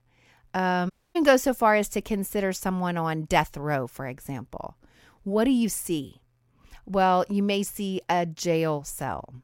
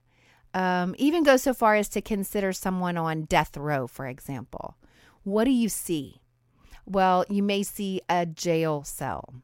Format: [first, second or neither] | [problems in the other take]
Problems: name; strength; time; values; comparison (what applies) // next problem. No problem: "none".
second | audio cutting out; at 1 s